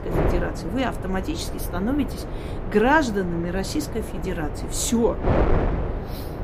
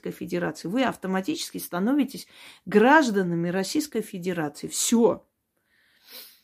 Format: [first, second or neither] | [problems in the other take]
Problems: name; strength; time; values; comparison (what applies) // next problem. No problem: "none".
second | wind noise on the microphone; heavy; 6 dB below the speech